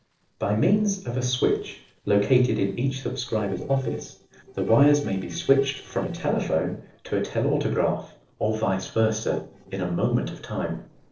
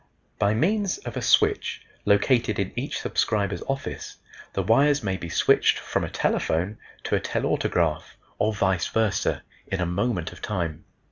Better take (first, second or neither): second